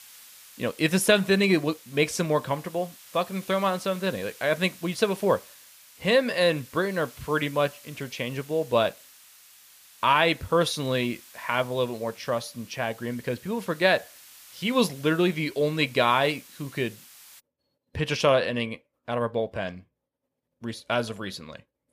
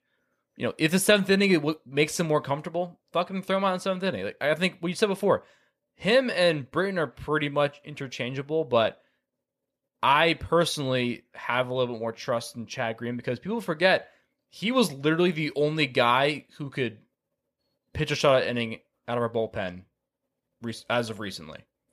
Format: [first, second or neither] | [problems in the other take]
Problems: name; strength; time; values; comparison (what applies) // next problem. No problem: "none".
second | hiss; faint; until 17 s; 20 dB below the speech